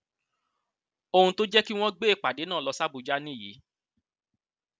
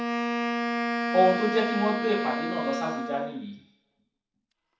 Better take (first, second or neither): first